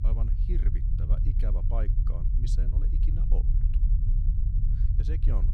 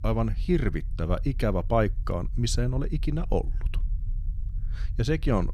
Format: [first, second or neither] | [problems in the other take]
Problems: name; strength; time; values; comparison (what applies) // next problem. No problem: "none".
second | low rumble; loud; throughout; 1 dB below the speech; faint in the second